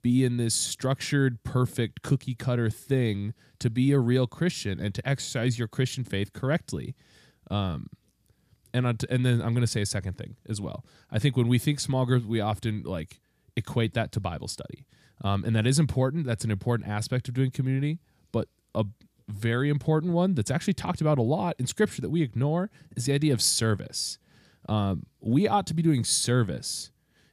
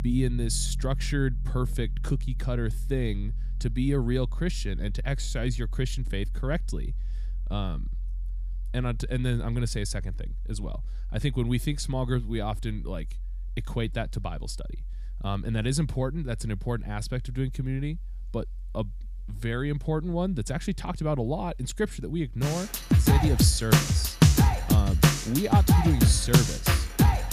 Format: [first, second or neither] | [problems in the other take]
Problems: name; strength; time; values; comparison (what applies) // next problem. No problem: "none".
first | background music; very loud; throughout; 3 dB above the speech